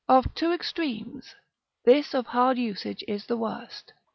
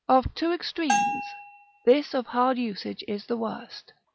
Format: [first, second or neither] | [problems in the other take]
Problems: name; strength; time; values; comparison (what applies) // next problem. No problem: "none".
first | background sound (Bell); 4 dB below the speech